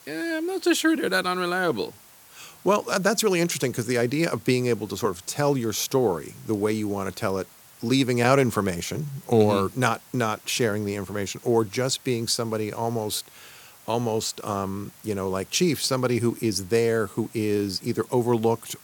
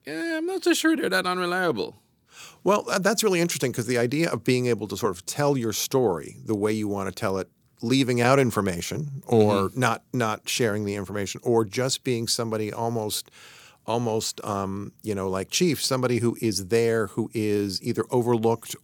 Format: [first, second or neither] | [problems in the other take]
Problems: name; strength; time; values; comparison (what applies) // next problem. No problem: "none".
second | hiss; faint; throughout; 25 dB below the speech